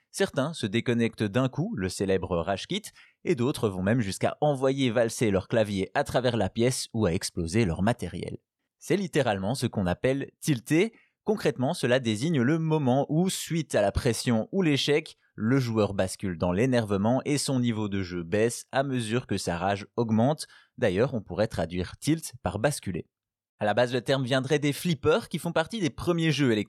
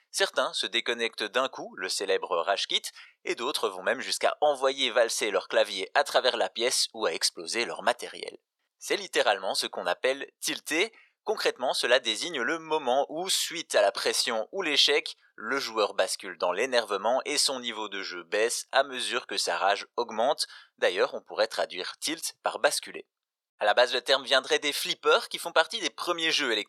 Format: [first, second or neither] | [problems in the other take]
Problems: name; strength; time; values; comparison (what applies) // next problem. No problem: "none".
first | thin; very; fading below 500 Hz